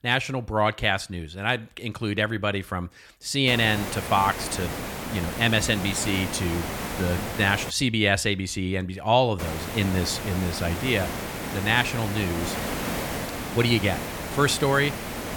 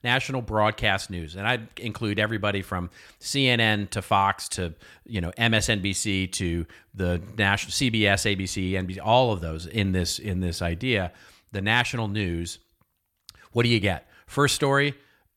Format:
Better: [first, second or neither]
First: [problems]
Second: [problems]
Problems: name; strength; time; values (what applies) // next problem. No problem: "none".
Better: second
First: hiss; loud; from 3.5 to 7.5 s and from 9.5 s on; 7 dB below the speech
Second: none